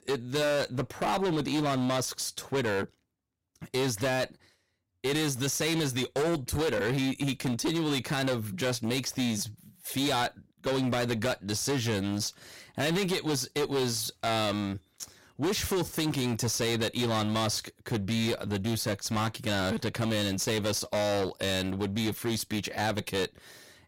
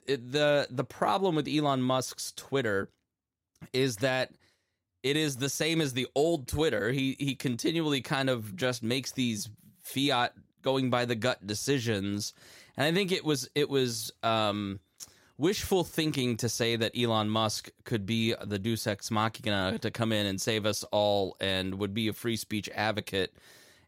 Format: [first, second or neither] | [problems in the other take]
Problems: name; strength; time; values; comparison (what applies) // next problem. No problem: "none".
second | distortion; heavy; 19% of the sound clipped